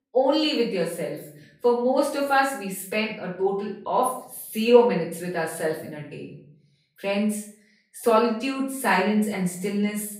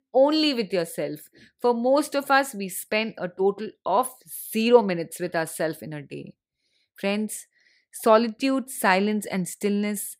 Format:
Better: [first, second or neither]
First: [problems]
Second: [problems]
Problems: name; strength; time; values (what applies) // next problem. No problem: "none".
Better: second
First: off-mic speech; far // room echo; noticeable; dies away in 0.5 s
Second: none